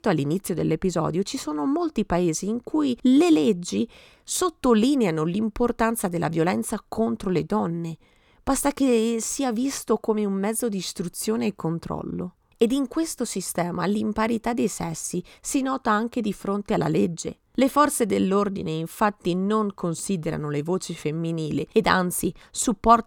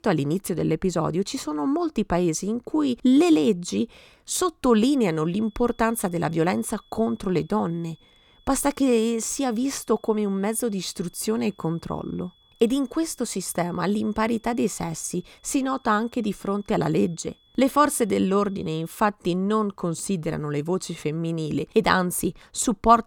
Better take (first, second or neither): first